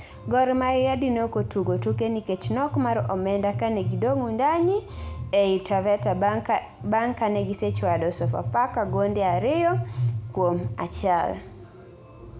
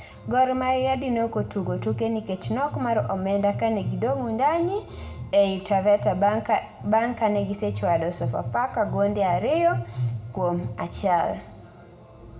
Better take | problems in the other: first | room echo; dies away in 1.2 s

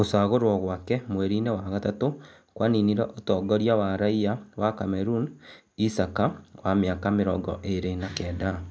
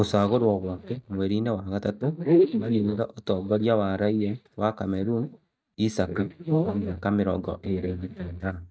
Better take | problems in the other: first | noise reduction (neural mask model DeepFilterNet 3)

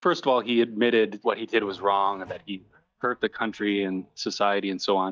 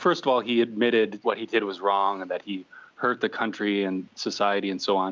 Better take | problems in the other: second | noise reduction (neural mask model DeepFilterNet 3)

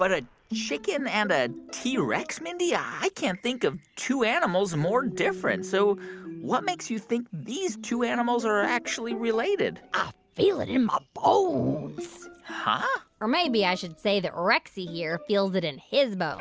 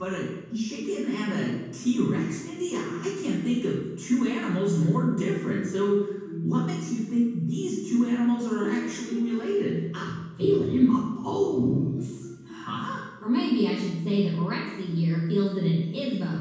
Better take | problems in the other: first | room echo; dies away in 1.2 s

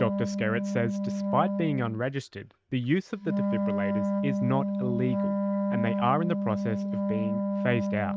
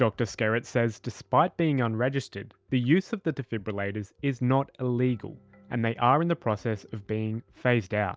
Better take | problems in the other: second | noise reduction (neural mask model RNNoise)

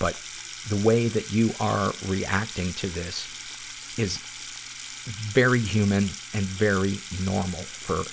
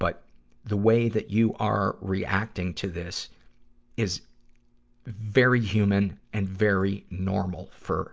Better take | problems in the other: second | background sound (Sink (filling or washing) / Water tap, faucet); 12 dB below the speech

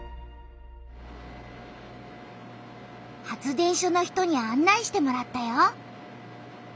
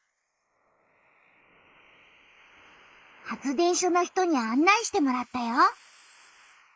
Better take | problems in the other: first | noise reduction (neural mask model Resemble Enhance denoiser)

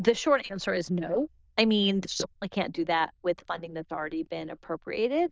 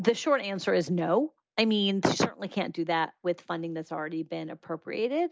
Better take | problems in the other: second | noise reduction (neural diffusion model UNIVERSE++)

